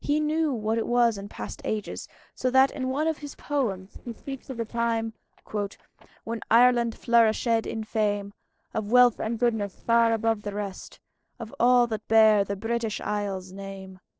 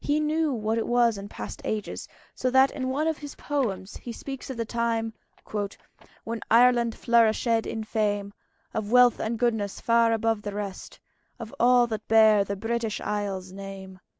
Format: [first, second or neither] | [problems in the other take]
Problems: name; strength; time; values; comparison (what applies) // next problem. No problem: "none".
second | noise reduction (neural separator model SepFormer DNS4)